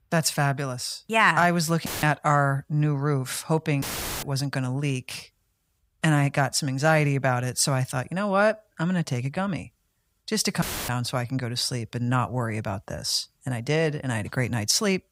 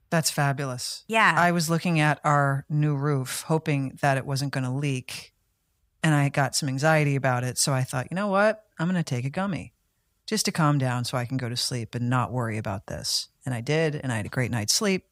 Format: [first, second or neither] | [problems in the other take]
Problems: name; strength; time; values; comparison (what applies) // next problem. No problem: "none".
second | audio cutting out; filled with static; at 2 s, at 4 s and at 11 s